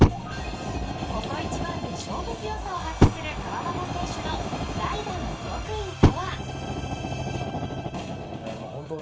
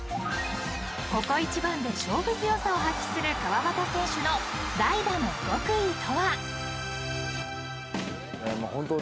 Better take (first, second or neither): second